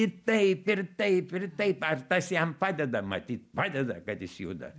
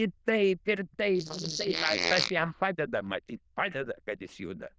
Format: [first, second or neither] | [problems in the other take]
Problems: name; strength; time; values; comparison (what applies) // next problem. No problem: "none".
first | noise reduction (neural diffusion model UNIVERSE++)